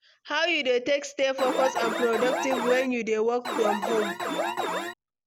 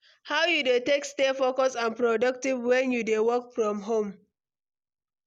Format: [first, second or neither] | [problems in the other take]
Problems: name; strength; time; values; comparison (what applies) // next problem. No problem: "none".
second | background sound (Alarm); 2 dB below the speech